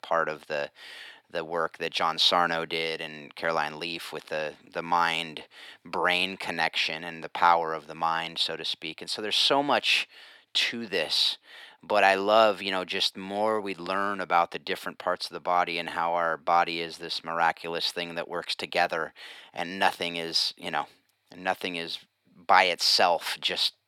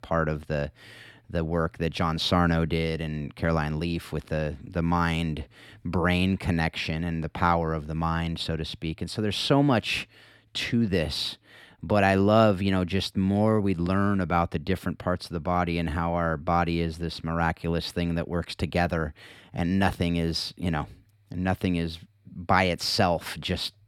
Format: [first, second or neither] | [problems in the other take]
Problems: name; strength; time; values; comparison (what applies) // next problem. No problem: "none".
second | thin; very; fading below 500 Hz